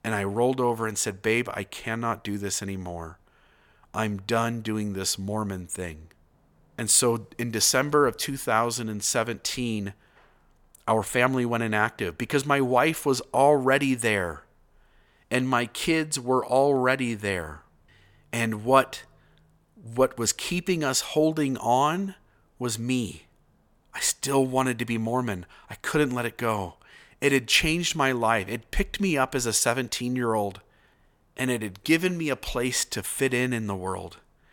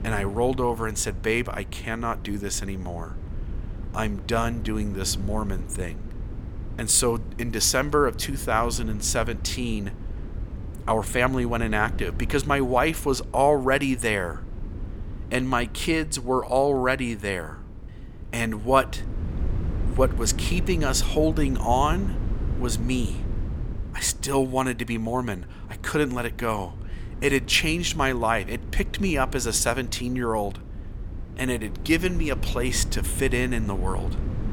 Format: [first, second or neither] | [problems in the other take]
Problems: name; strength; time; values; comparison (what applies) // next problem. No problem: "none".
first | wind noise on the microphone; occasional gusts; 20 dB below the speech